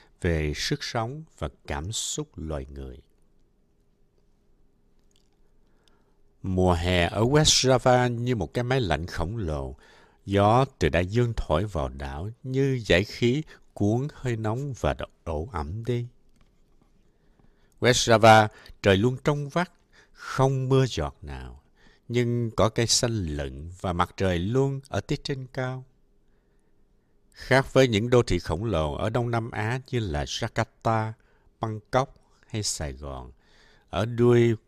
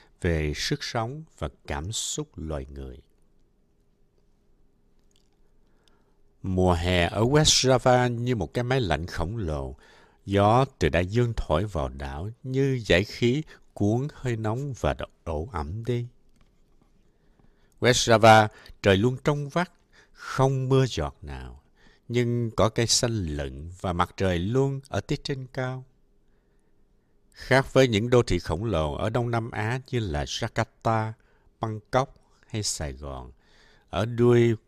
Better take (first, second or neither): neither